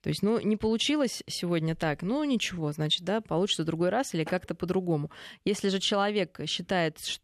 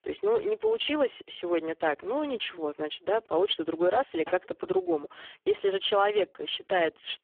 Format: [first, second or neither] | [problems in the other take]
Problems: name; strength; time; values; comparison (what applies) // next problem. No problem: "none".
first | phone-call audio; poor line; nothing above 3.5 kHz